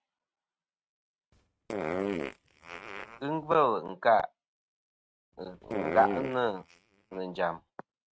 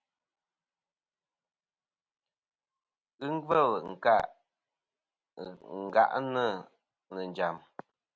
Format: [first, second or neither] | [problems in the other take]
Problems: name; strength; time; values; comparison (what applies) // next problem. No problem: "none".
second | noise reduction (neural mask model RNNoise)